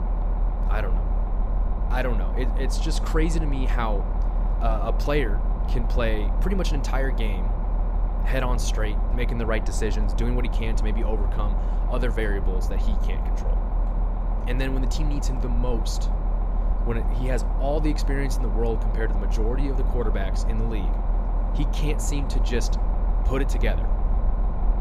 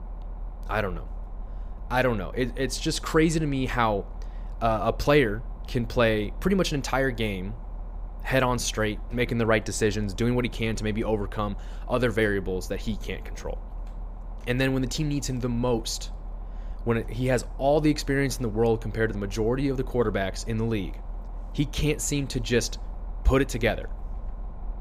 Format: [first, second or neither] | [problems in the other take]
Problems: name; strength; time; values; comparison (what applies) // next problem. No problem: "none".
second | low rumble; loud; throughout; 6 dB below the speech; faint in the second